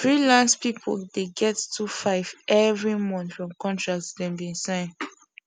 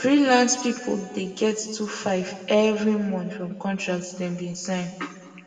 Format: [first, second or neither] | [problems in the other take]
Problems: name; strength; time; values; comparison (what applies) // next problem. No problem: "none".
first | room echo; dies away in 1.8 s